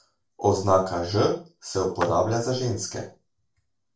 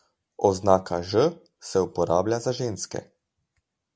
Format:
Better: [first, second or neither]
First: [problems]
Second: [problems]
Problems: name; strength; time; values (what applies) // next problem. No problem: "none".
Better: second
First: noise reduction (neural separator model SepFormer DNS4)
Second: none